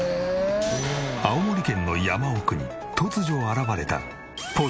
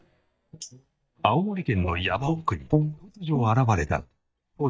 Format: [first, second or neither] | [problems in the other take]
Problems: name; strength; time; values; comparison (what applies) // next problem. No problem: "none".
first | noise reduction (neural mask model DeepFilterNet 3)